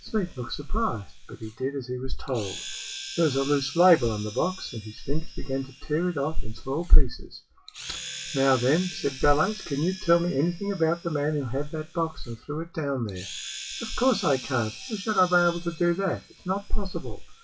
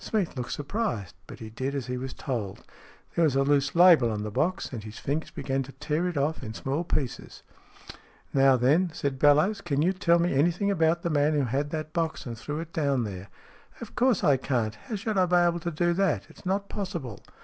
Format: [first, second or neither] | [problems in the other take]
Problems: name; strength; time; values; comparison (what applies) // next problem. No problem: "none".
second | noise reduction (classical method WPE with log-MMSE)